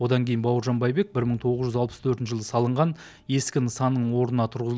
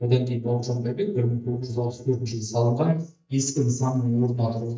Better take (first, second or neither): first